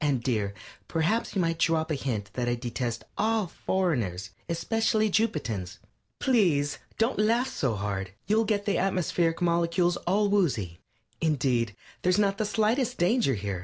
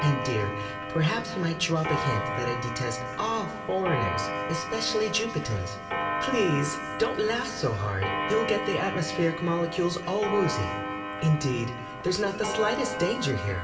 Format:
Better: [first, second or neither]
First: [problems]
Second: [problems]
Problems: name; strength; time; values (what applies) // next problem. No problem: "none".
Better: first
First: none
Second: background sound (Clock); 4 dB below the speech // room echo; dies away in 2.8 s